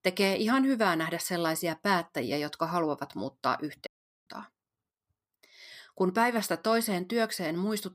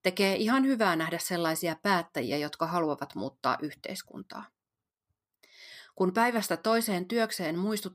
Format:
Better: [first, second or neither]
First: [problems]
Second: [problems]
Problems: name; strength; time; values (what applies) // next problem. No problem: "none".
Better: second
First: audio cutting out; at 4 s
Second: none